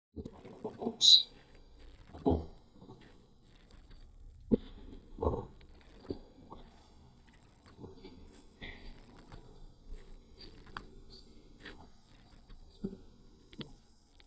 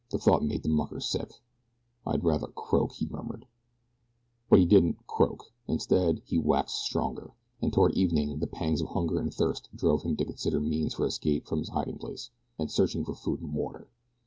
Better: second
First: noise reduction (neural mask model DeepFilterNet 3)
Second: none

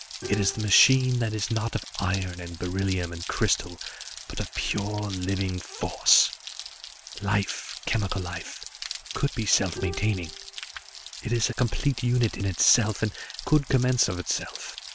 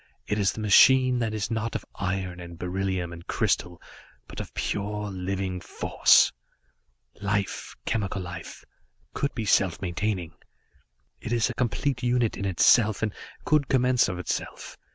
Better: second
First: background sound (Rain + Bowed string instrument); 12 dB below the speech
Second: none

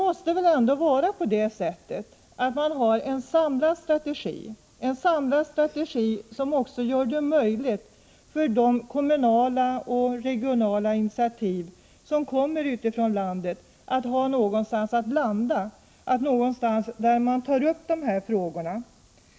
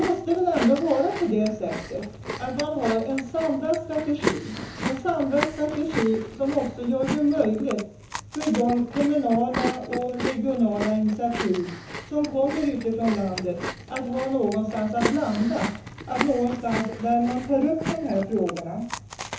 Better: first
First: none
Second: background sound (Chewing, mastication); 8 dB below the speech // room echo; dies away in 0.7 s

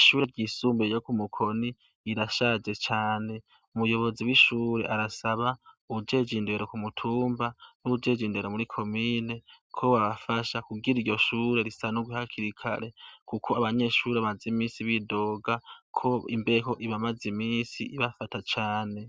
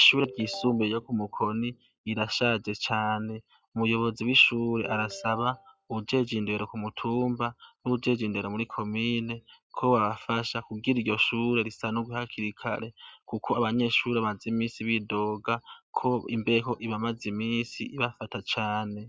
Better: first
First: none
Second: noise reduction (classical method log-MMSE)

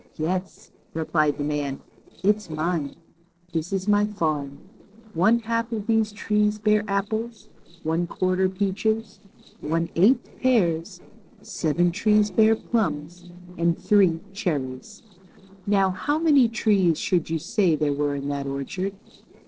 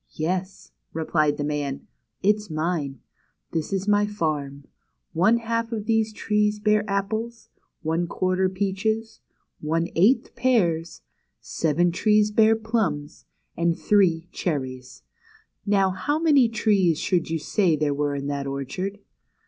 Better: second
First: noise reduction (neural separator model SepFormer DNS4)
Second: none

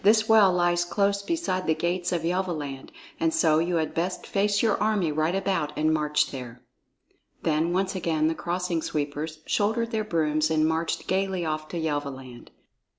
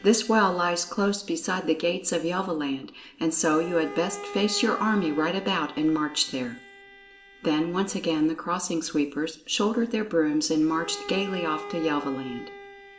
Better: first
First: none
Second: background sound (Bowed string instrument); 17 dB below the speech // room echo; dies away in 0.4 s

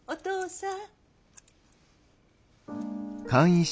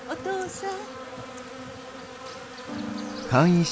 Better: first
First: none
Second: background sound (Insect); 11 dB below the speech

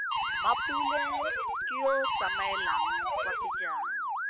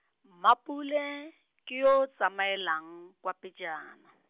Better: second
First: background sound (Motor vehicle (road) / Siren + Harmonica); 5 dB above the speech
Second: none

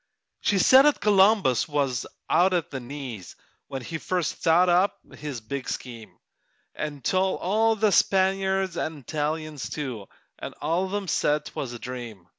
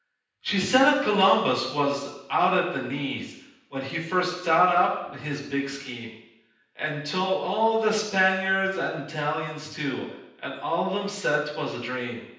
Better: first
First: none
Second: room echo; dies away in 0.9 s

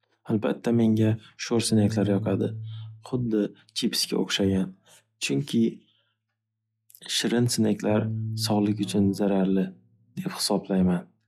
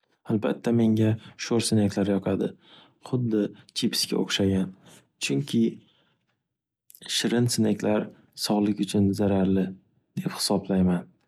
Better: second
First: noise reduction (classical method log-MMSE)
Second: none

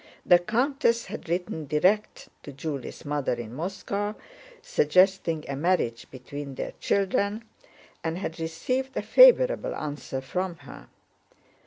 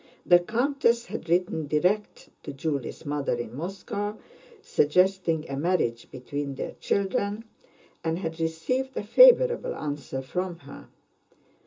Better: first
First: none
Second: room echo; dies away in 0.2 s

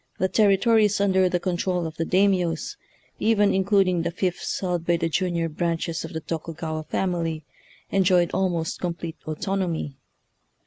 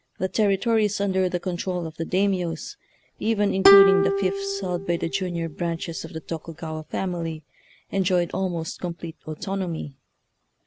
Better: first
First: none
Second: background sound (Plucked string instrument); 2 dB above the speech

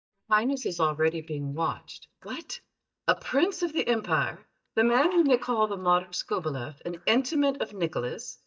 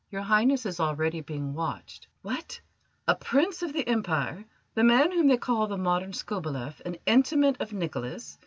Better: second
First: noise reduction (neural mask model DeepFilterNet 3)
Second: none

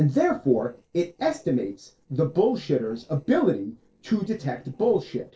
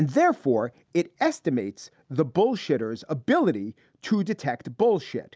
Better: second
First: noise reduction (neural separator model SepFormer DNS4)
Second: none

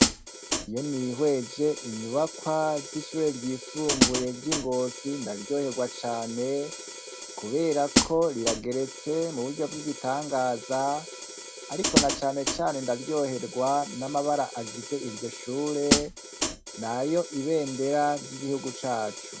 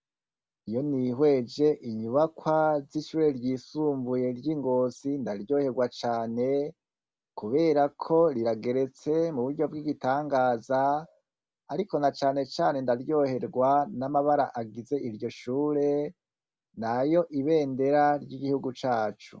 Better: second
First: background sound (Hi-hat); 3 dB below the speech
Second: none

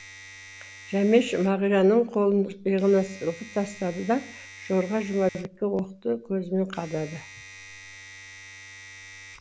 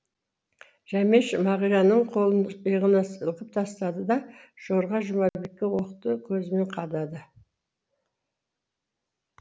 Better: second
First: background sound (Domestic sounds, home sounds); 20 dB below the speech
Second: none

